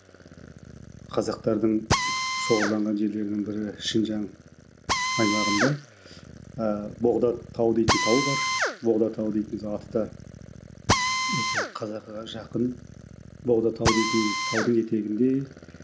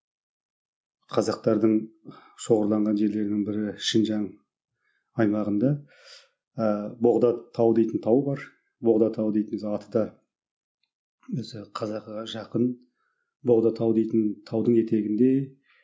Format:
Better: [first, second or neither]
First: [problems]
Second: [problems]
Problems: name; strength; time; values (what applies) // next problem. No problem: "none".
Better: second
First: background sound (Drill); 3 dB below the speech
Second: none